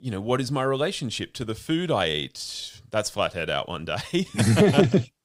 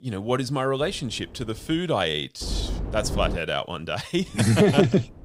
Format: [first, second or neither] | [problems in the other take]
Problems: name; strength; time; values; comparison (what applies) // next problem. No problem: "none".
first | wind noise on the microphone; occasional gusts; at 1 s, at 2.5 s and from 4 s on; 15 dB below the speech